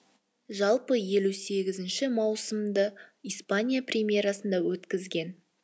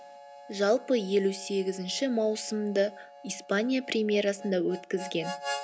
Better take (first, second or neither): first